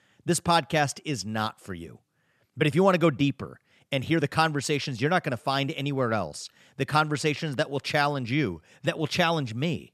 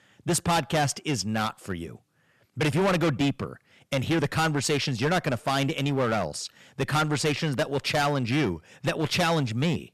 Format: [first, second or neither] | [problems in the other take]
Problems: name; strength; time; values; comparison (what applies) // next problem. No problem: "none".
first | distortion; heavy; 12% of the sound clipped